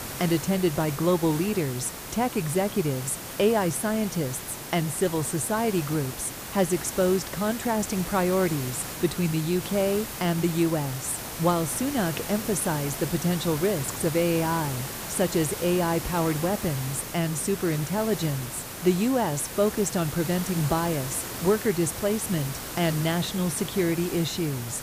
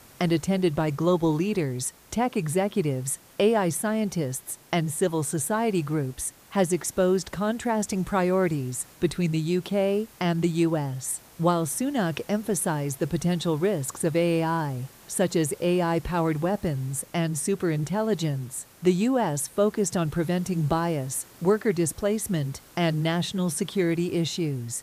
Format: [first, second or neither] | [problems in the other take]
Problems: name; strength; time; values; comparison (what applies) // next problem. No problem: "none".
second | hiss; loud; throughout; 8 dB below the speech; faint in the second